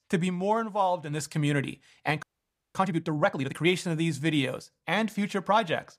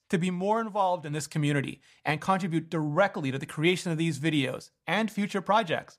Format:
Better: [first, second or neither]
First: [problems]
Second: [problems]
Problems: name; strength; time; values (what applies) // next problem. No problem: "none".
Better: second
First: audio freezing; at 2 s for 0.5 s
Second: none